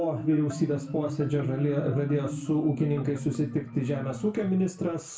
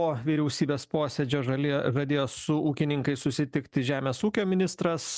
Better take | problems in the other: second | background sound (Marimba, xylophone); 8 dB below the speech // room echo; dies away in 0.3 s

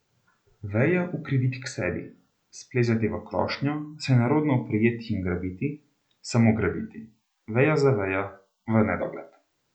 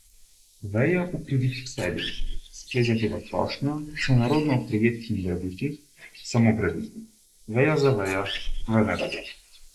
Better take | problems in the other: first | noise reduction (neural mask model Resemble Enhance denoiser)

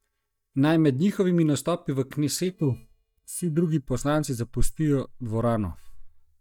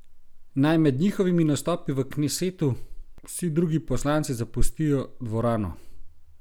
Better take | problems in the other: second | noise reduction (neural mask model DeepFilterNet 3)

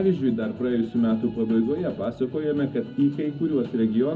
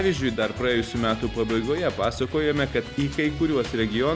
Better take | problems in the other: second | room echo; dies away in 0.4 s

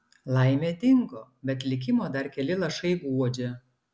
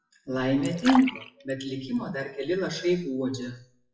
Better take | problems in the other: first | noise reduction (classical method WPE with log-MMSE)

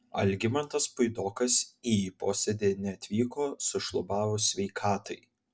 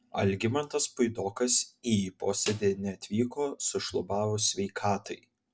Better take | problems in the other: first | background sound (Snare drum); 15 dB below the speech

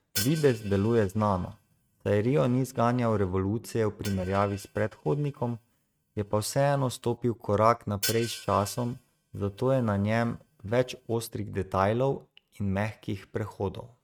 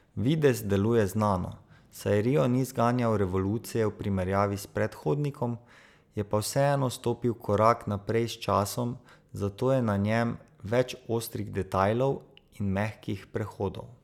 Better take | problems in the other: second | noise reduction (neural mask model RNNoise)

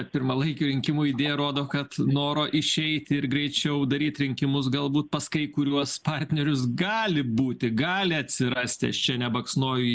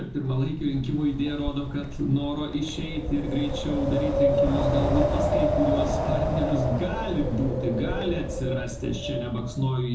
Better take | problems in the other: first | background sound (Wind); as loud as the speech // room echo; dies away in 0.6 s

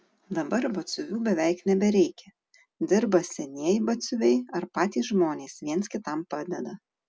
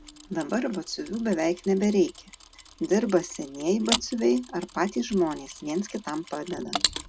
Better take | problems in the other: first | background sound (Mechanisms); 10 dB below the speech

